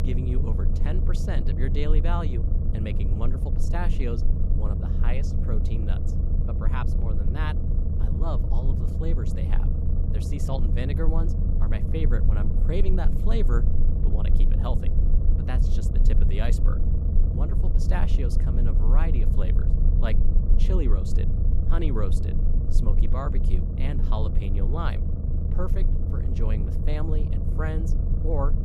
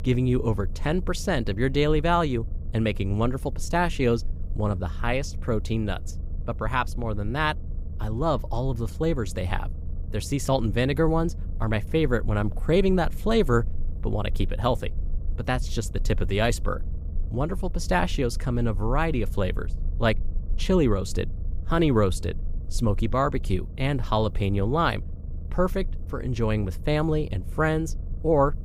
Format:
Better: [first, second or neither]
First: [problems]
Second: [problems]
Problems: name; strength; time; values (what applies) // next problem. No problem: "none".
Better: second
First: low rumble; loud; throughout; 3 dB below the speech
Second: low rumble; faint; throughout; 25 dB below the speech